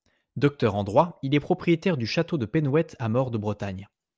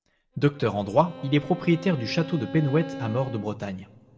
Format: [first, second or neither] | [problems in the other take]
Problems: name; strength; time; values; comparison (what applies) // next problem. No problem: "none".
first | background sound (Bowed string instrument); 14 dB below the speech // room echo; dies away in 1.4 s